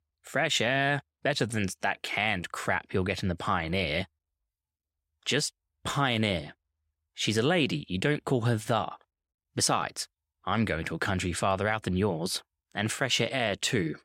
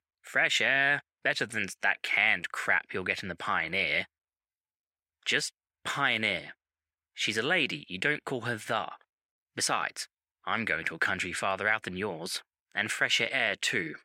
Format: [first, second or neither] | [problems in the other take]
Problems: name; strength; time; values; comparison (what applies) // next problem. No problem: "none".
first | thin; somewhat; fading below 350 Hz